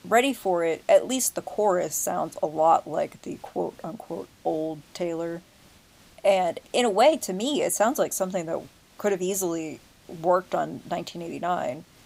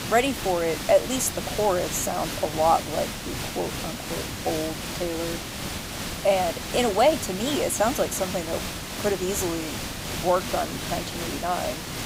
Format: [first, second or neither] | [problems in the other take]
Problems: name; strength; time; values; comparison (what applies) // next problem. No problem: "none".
first | hiss; loud; throughout; 5 dB below the speech; faint in the first